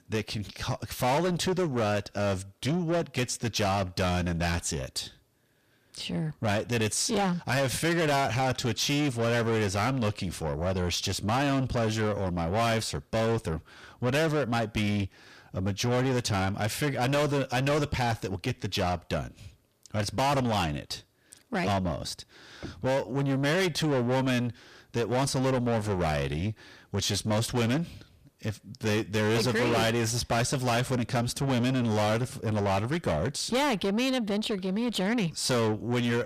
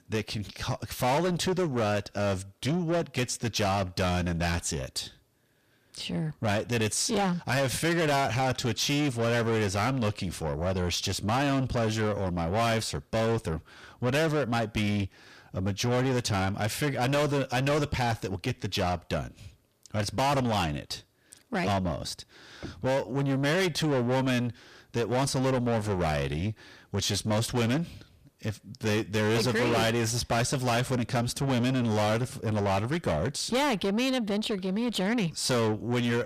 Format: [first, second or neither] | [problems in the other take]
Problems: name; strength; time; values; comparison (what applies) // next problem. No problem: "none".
neither | distortion; heavy; 6 dB below the speech; the same in both